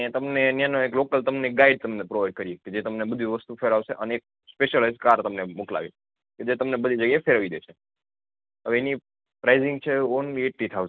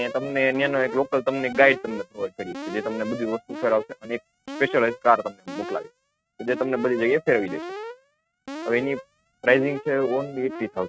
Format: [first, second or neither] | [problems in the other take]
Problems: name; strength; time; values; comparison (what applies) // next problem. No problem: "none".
first | noise reduction (neural mask model RNNoise)